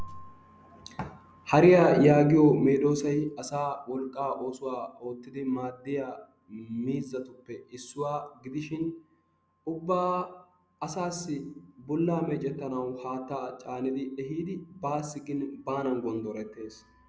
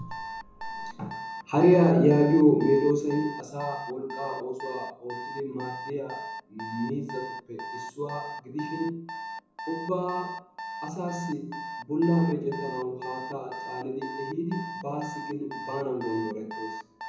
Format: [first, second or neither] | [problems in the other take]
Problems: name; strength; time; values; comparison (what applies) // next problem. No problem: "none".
first | background sound (Alarm); 11 dB below the speech // room echo; dies away in 0.7 s